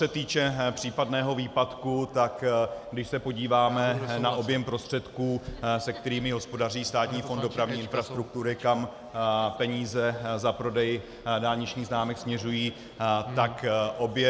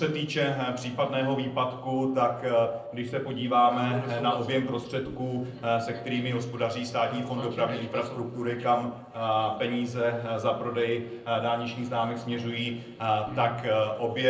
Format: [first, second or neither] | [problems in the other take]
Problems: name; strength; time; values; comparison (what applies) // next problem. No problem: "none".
first | noise reduction (neural separator model SepFormer DNS4)